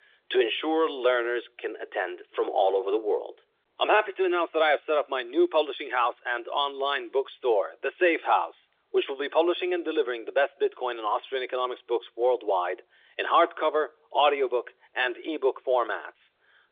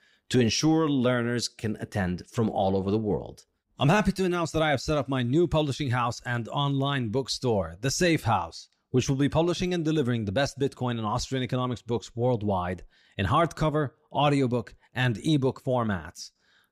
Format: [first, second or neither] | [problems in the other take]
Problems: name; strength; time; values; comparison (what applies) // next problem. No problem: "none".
second | phone-call audio